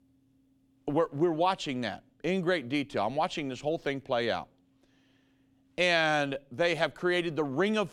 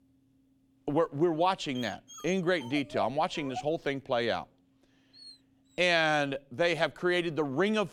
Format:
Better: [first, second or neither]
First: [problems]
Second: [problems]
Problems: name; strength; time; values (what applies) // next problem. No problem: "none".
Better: first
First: none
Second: dog barking; noticeable; from 2 to 5.5 s; peak 10 dB below the speech